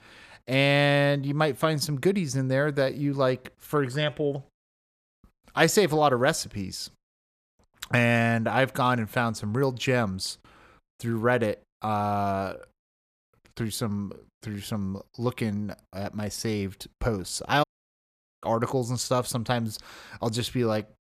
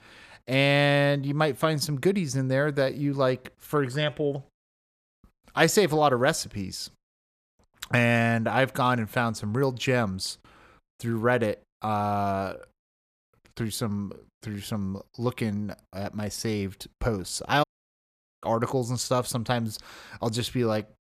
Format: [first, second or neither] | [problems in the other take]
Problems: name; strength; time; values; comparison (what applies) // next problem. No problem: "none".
neither | audio cutting out; at 18 s for 1 s; the same in both